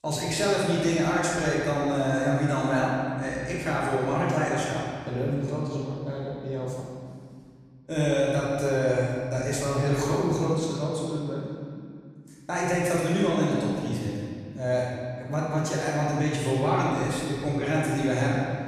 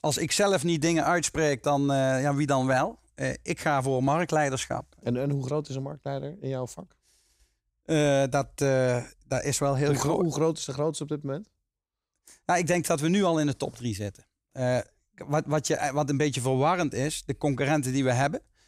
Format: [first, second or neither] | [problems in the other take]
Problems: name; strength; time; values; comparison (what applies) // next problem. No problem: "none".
second | room echo; strong; dies away in 2.2 s // off-mic speech; far